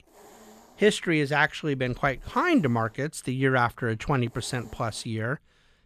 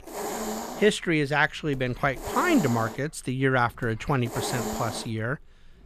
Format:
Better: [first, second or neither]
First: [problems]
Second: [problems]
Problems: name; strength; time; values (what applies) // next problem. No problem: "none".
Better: first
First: hiss; faint; throughout; 25 dB below the speech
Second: hiss; loud; throughout; 8 dB below the speech